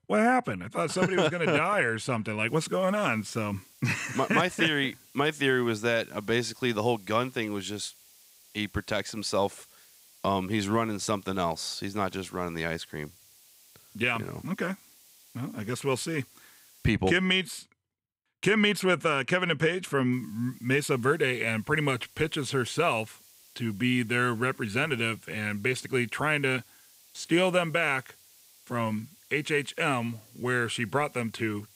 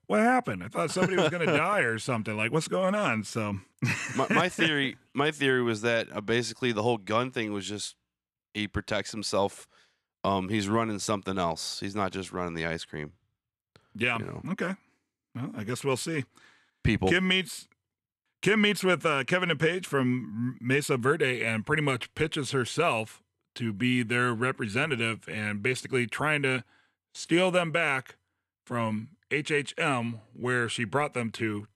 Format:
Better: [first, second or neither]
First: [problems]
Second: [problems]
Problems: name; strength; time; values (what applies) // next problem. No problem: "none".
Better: second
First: hiss; faint; from 2.5 to 17 s and from 20 s on; 25 dB below the speech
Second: none